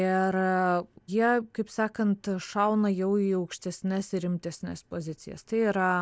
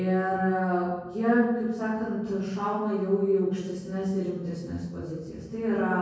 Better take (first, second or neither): first